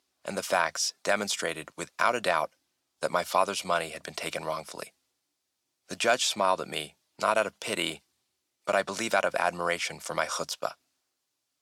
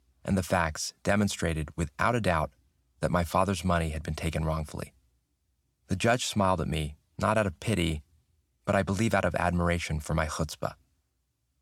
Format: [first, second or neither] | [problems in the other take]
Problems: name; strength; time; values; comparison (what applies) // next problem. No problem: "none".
second | thin; very; fading below 450 Hz